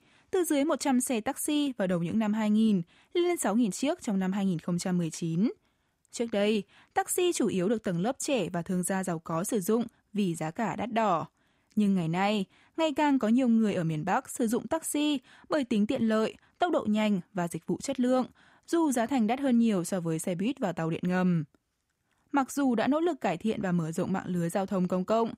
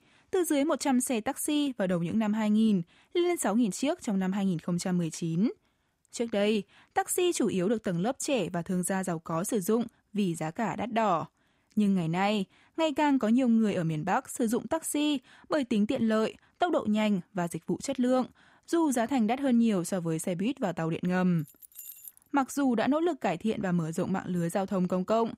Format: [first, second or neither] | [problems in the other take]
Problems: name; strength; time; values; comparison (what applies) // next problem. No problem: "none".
first | jangling keys; faint; at 21 s; peak 15 dB below the speech